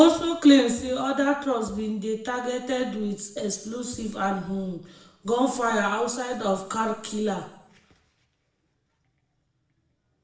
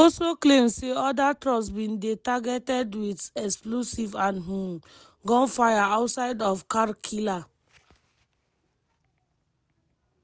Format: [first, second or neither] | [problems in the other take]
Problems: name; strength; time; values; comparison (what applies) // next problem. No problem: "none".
second | room echo; dies away in 0.7 s